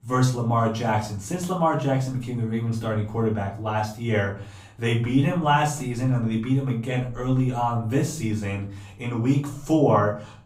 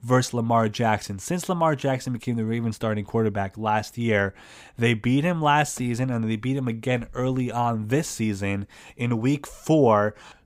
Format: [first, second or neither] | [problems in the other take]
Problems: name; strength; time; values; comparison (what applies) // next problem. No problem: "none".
second | off-mic speech; far // room echo; slight; dies away in 0.4 s